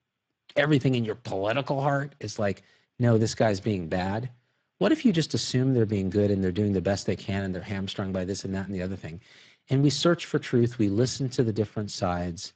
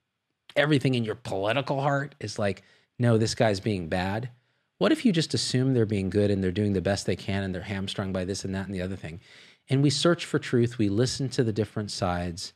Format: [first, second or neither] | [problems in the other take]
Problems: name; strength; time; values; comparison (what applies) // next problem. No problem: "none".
second | garbled, watery; badly; nothing above 7.5 kHz